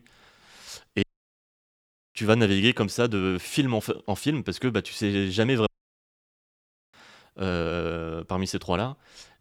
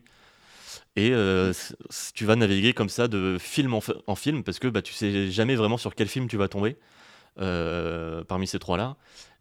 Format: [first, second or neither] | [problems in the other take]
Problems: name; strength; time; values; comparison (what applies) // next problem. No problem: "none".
second | audio cutting out; at 1 s for 1 s and at 5.5 s for 1.5 s